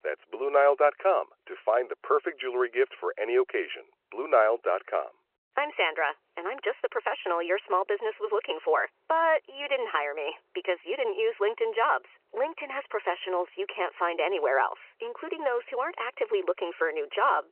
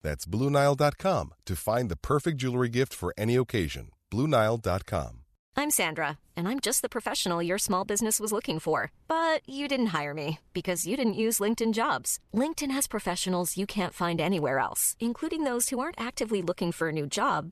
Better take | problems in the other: second | phone-call audio; nothing above 3 kHz

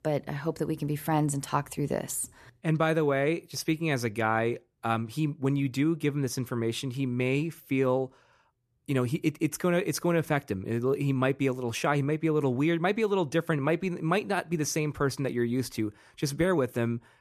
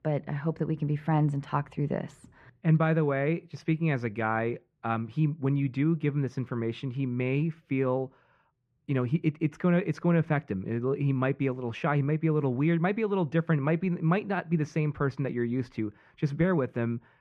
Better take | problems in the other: first | muffled; very; fading above 2 kHz

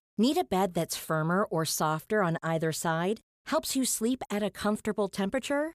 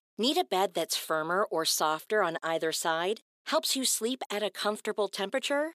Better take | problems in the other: first | thin; somewhat; fading below 300 Hz

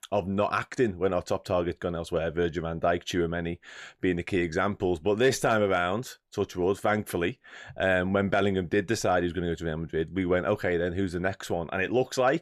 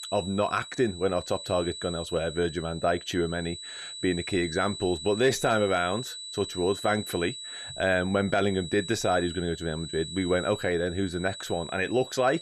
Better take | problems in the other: first | high-pitched whine; noticeable; throughout; 4 kHz, 10 dB below the speech

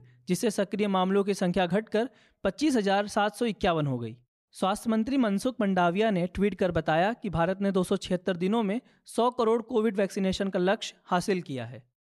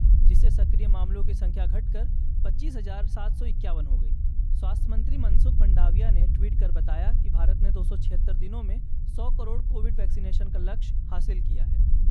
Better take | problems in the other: first | low rumble; loud; throughout; 4 dB below the speech

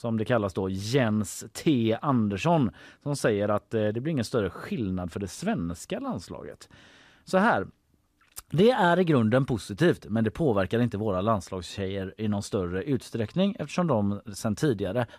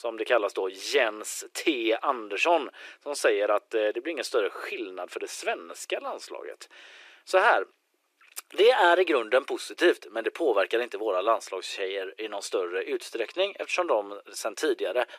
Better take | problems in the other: first | thin; very; fading below 350 Hz

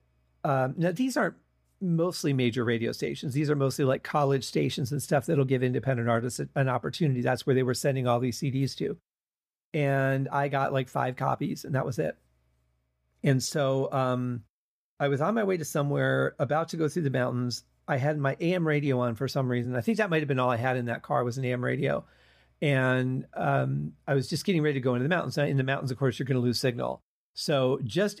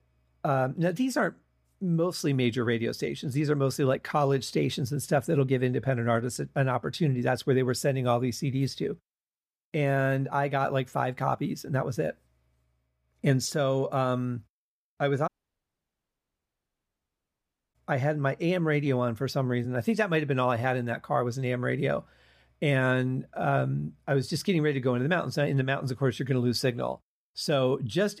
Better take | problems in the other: first | audio cutting out; at 15 s for 2.5 s

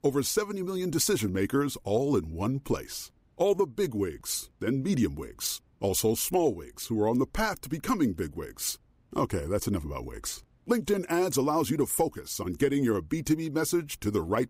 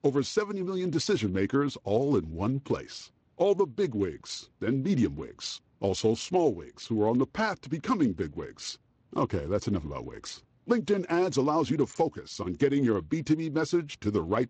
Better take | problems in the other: first | garbled, watery; slightly; nothing above 8 kHz

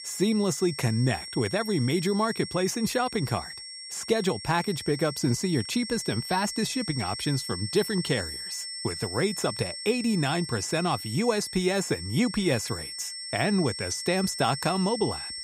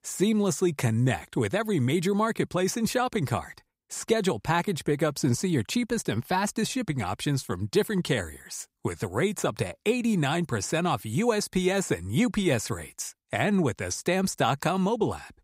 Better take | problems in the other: second | high-pitched whine; loud; throughout; 5.5 kHz, 7 dB below the speech

